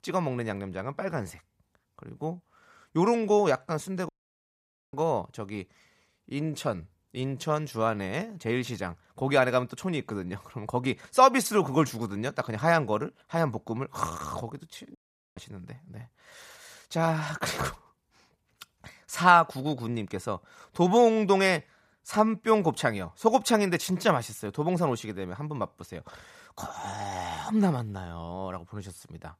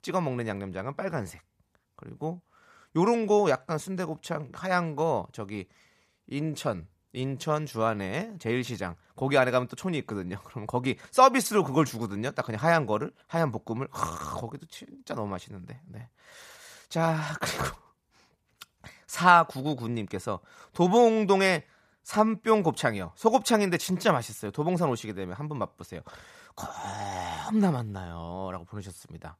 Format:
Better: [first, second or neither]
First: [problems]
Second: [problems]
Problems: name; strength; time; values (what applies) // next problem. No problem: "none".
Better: second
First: audio cutting out; at 4 s for 1 s and at 15 s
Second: none